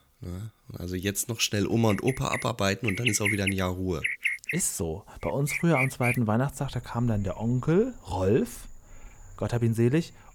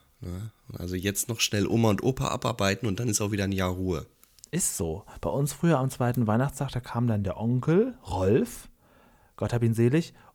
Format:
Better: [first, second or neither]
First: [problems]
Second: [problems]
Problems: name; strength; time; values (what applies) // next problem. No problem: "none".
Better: second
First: animal sounds; loud; from 2 s on; 3 dB below the speech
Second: none